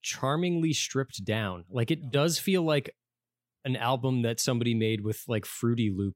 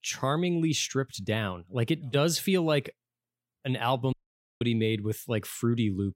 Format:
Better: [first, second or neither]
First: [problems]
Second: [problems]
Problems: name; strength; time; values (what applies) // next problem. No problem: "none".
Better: first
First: none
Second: audio cutting out; at 4 s